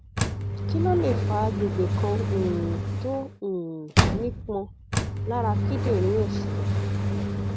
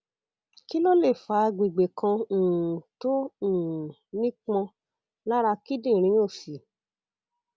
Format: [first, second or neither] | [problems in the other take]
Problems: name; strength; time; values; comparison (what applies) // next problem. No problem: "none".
second | background sound (Engine); 4 dB above the speech